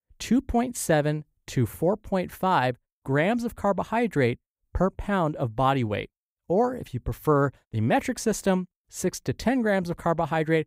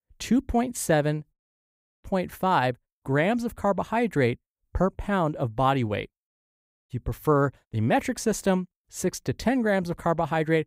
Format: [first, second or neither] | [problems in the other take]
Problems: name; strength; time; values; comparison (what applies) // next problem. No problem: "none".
first | audio cutting out; at 1.5 s for 0.5 s and at 6.5 s for 0.5 s